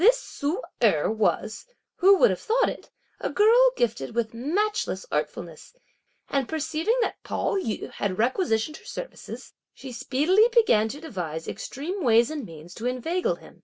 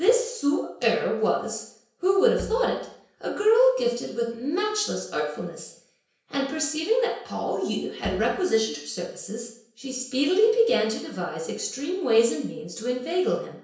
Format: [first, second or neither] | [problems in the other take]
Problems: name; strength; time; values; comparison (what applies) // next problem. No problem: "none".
first | background sound (Bowed string instrument); 14 dB below the speech // room echo; dies away in 0.5 s